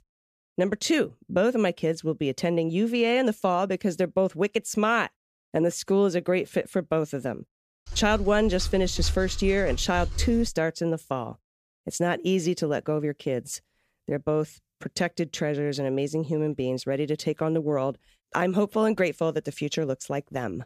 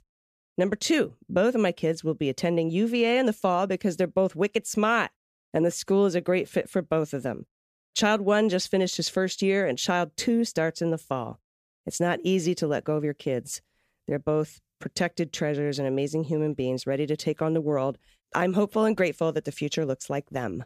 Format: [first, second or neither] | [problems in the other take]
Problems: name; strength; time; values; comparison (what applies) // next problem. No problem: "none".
second | keyboard typing; noticeable; from 8 to 11 s; peak 5 dB below the speech